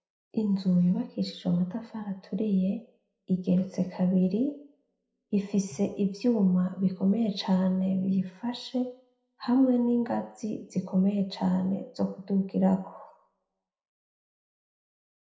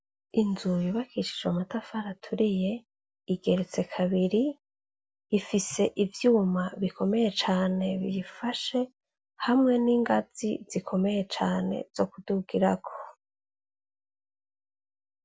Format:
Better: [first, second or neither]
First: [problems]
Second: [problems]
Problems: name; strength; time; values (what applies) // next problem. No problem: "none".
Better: second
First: room echo; dies away in 0.5 s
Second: none